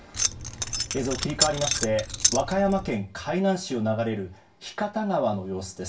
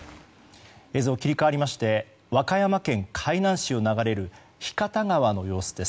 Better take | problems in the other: second | background sound (Keys jangling); 1 dB below the speech // room echo; dies away in 0.2 s

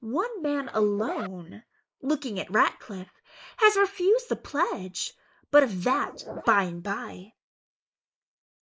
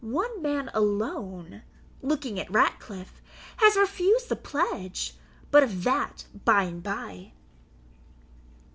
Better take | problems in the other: second | noise reduction (neural mask model Resemble Enhance denoiser)

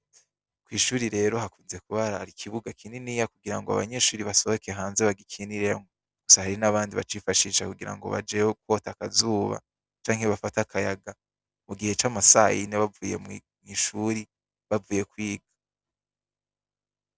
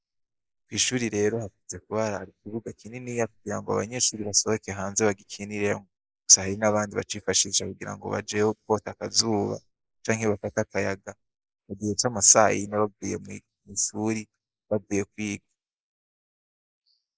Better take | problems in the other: first | noise reduction (neural mask model Resemble Enhance denoiser)

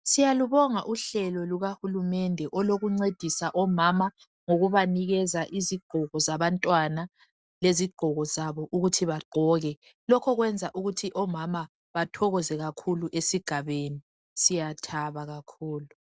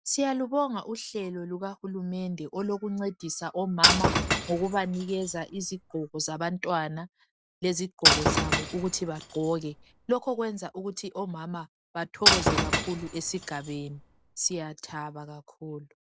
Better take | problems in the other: first | background sound (Shatter / Crushing); 4 dB above the speech

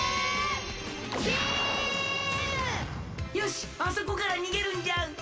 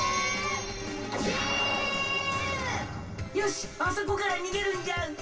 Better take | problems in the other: first | room echo; dies away in 0.2 s

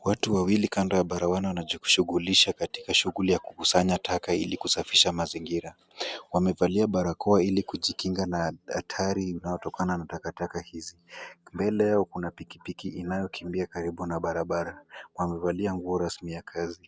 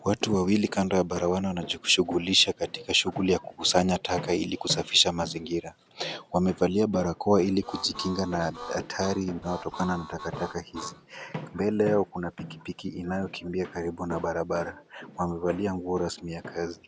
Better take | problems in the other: first | background sound (Harmonica + Walk, footsteps); 15 dB below the speech

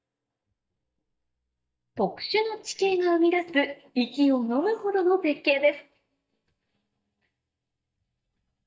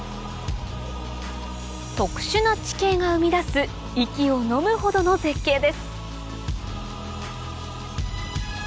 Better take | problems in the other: second | noise reduction (neural mask model DeepFilterNet 3)

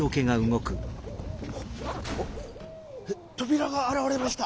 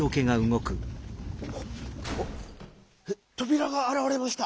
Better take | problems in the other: second | background sound (Bird / Dog + Zipper (clothing)); 13 dB below the speech

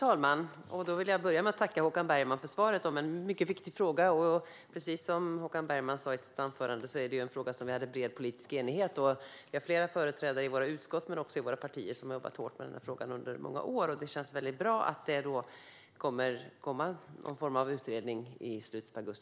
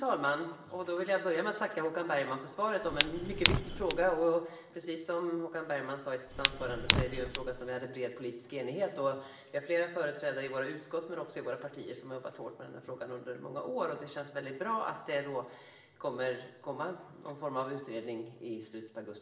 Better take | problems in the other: first | background sound (Fire); 1 dB above the speech // room echo; dies away in 1.4 s

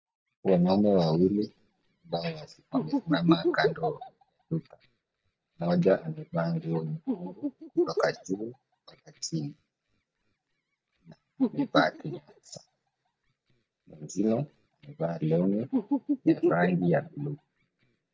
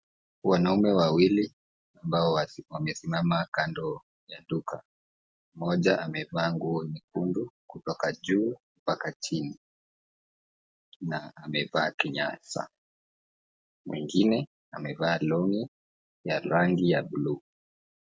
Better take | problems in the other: second | noise reduction (neural mask model DeepFilterNet 3)

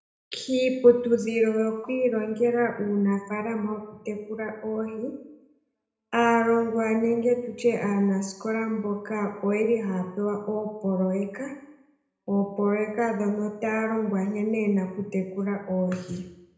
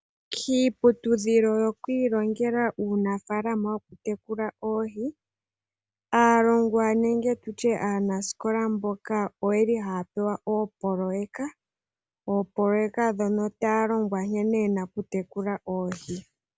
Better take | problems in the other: second | room echo; dies away in 0.8 s

